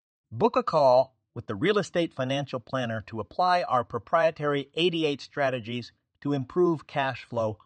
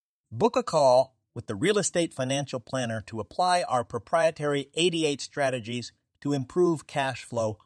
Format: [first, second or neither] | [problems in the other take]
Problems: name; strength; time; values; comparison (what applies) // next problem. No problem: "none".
second | muffled; slightly; fading above 4 kHz